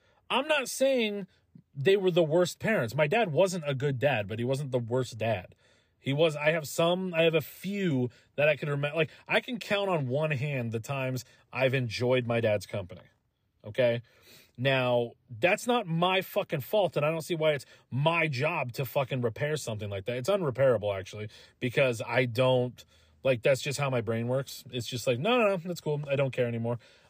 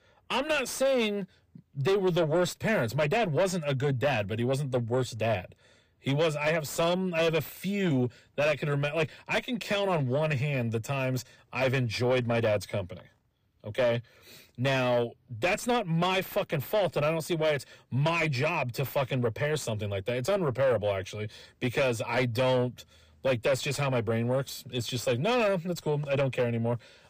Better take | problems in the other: first | distortion; slight; 10 dB below the speech

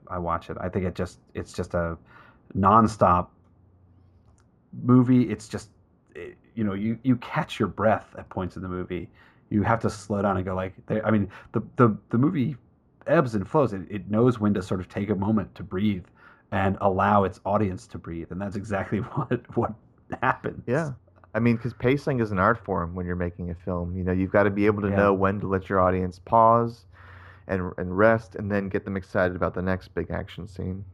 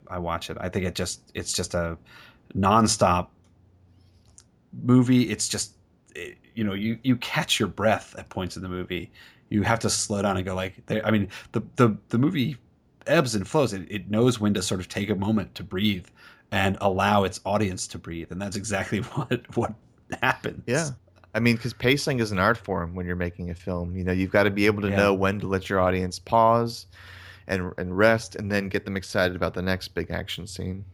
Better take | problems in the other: second | muffled; very; fading above 2.5 kHz

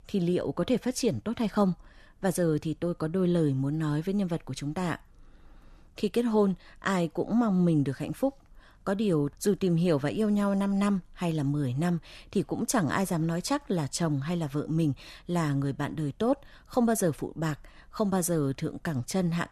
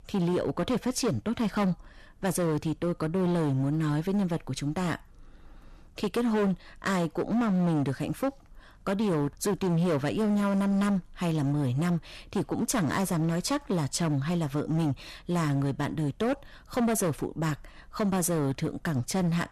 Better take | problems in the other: first | distortion; slight; 16% of the sound clipped

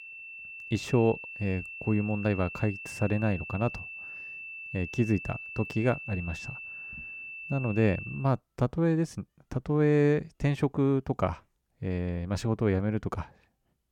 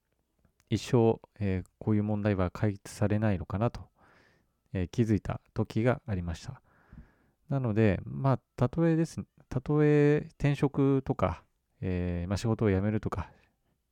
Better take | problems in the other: second | high-pitched whine; loud; until 8 s; 2.5 kHz, 10 dB below the speech

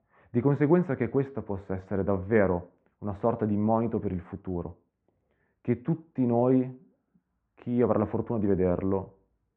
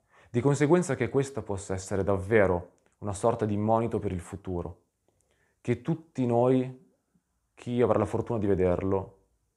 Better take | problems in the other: second | muffled; very; fading above 2 kHz

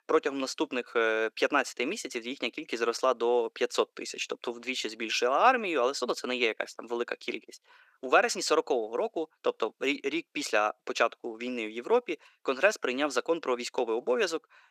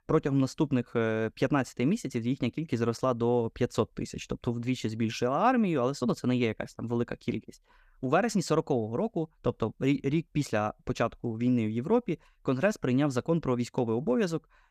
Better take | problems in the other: second | thin; very; fading below 350 Hz

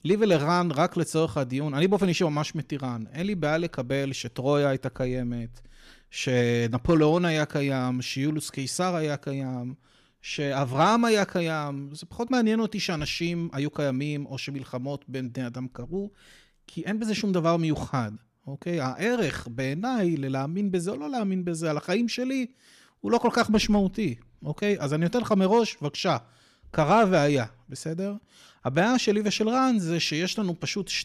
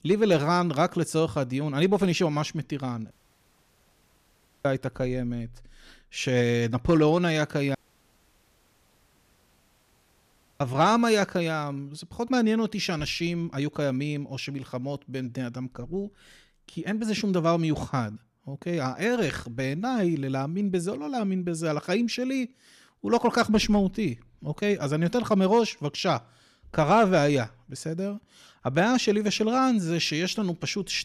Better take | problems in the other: first | audio cutting out; at 3 s for 1.5 s and at 8 s for 3 s

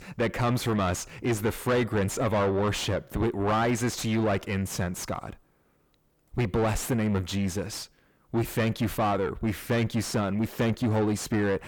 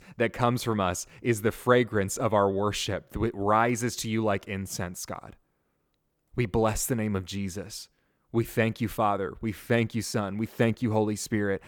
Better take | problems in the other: second | distortion; heavy; 6 dB below the speech

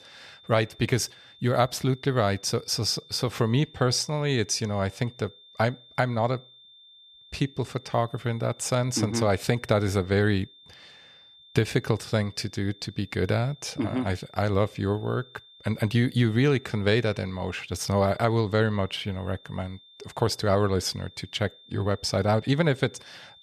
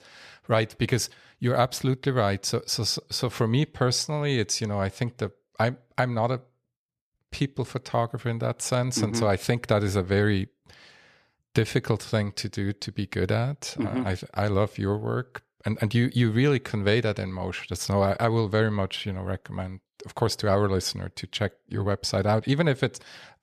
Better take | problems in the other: second | high-pitched whine; faint; throughout; 3.5 kHz, 25 dB below the speech

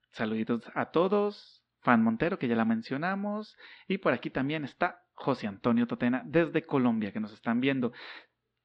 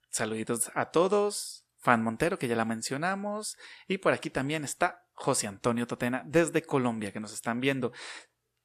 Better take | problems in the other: second | muffled; slightly; fading above 4 kHz

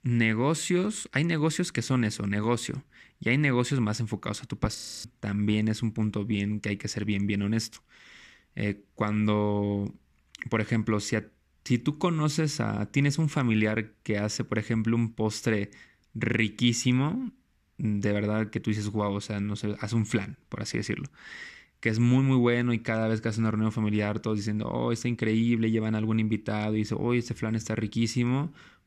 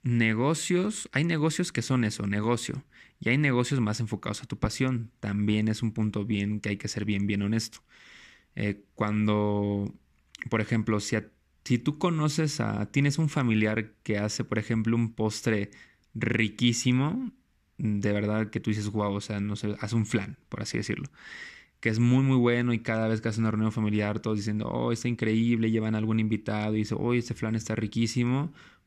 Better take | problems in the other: second | audio freezing; at 5 s

